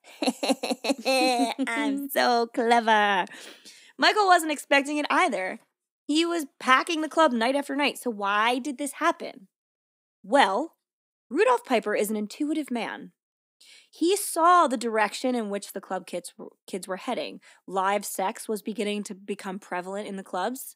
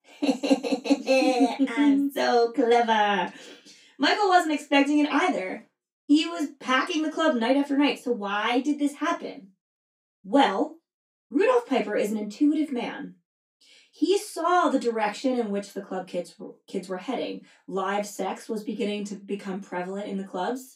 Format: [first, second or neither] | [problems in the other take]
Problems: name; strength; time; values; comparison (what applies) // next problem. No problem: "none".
first | room echo; very slight; dies away in 0.2 s // off-mic speech; far